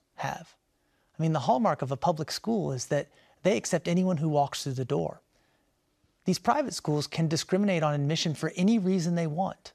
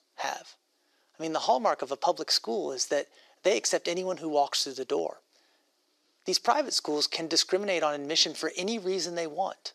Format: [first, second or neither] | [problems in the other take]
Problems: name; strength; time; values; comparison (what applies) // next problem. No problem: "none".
first | thin; somewhat; fading below 350 Hz